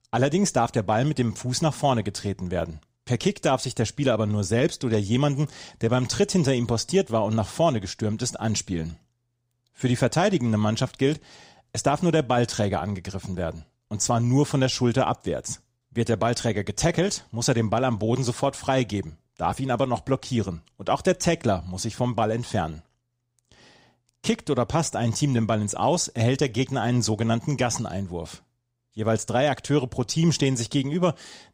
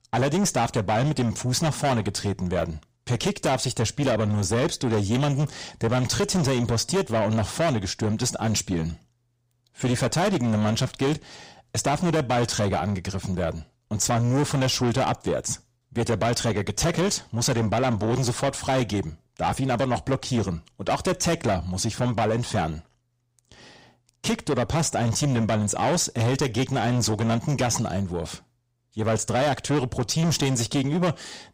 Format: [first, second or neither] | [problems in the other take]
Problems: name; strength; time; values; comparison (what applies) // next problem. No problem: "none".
first | distortion; heavy; 8 dB below the speech